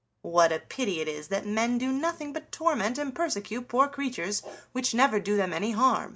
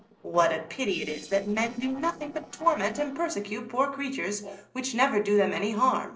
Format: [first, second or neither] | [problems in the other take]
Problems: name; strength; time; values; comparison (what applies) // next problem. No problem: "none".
first | noise reduction (neural separator model SepFormer DNS4)